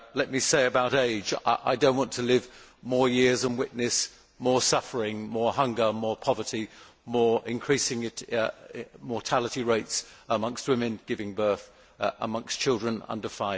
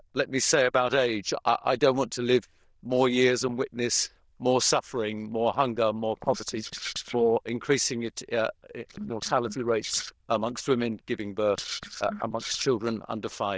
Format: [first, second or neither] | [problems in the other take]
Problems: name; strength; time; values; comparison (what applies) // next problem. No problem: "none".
first | noise reduction (neural diffusion model UNIVERSE++)